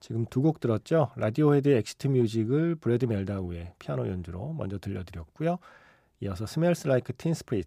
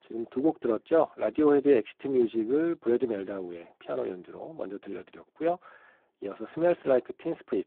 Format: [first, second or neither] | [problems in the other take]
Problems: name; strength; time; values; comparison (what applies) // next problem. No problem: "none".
first | phone-call audio; poor line